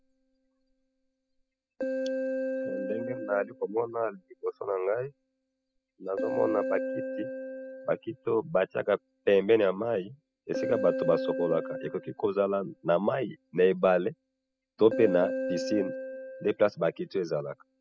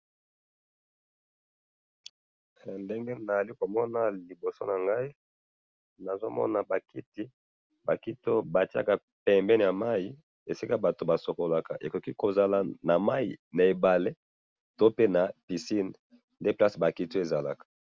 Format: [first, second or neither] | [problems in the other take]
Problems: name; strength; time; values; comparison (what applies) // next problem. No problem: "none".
second | noise reduction (classical method spectral subtraction)